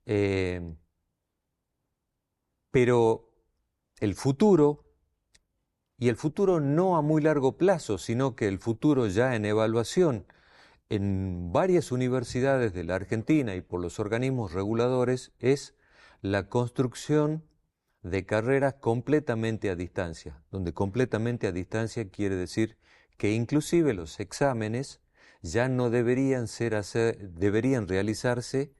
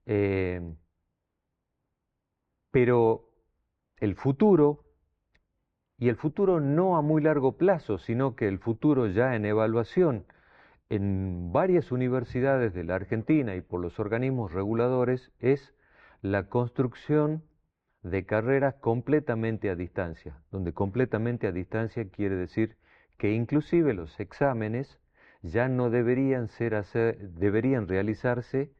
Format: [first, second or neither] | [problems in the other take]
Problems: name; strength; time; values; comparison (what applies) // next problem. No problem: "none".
first | muffled; very; fading above 2.5 kHz